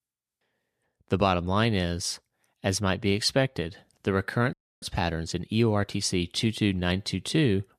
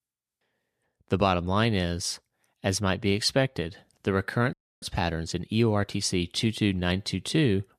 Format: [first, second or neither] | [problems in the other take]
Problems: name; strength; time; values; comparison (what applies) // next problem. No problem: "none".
neither | audio freezing; at 4.5 s; the same in both